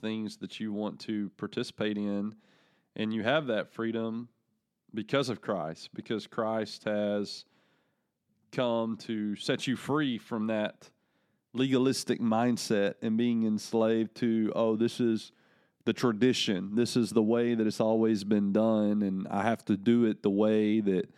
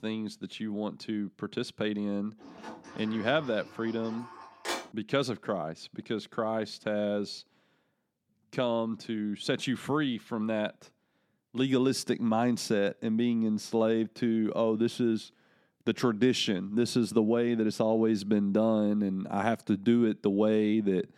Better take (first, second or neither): first